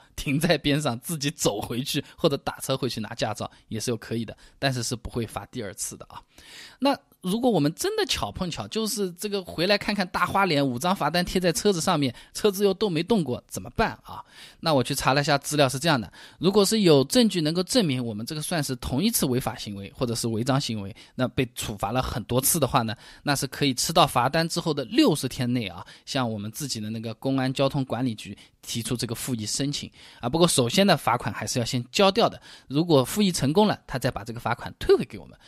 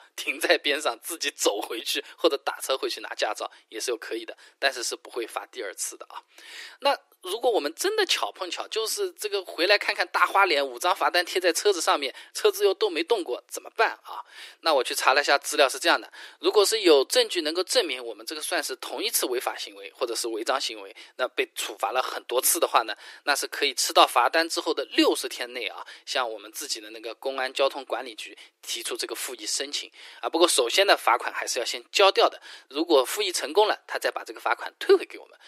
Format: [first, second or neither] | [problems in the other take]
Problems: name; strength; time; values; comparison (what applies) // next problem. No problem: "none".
first | thin; very; fading below 350 Hz